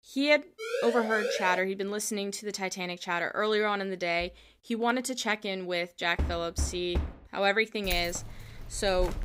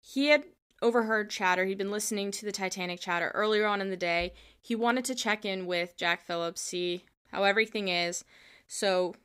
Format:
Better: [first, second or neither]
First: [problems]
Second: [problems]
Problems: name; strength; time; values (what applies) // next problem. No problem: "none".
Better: second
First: siren; noticeable; from 0.5 to 1.5 s; peak 3 dB below the speech // door banging; noticeable; at 6 s; peak 6 dB below the speech // jangling keys; noticeable; from 8 s on; peak 9 dB below the speech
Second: none